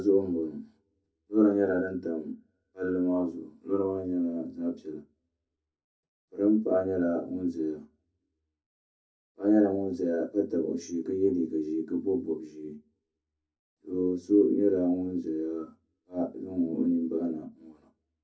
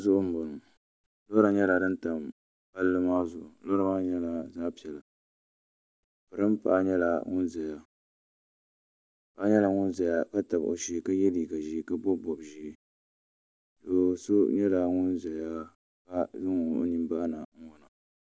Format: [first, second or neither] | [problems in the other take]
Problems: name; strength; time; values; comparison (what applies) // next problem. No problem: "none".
second | room echo; dies away in 0.3 s